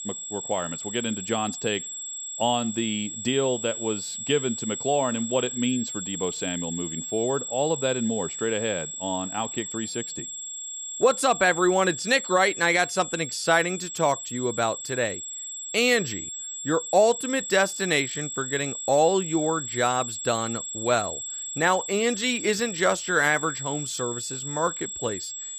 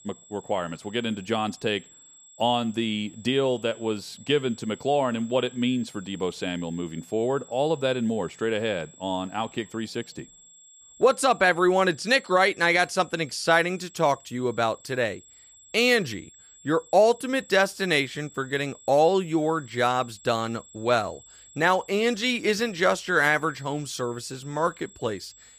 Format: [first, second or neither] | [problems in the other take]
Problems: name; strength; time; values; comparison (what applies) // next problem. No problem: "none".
second | high-pitched whine; loud; throughout; 7.5 kHz, 6 dB below the speech; faint in the second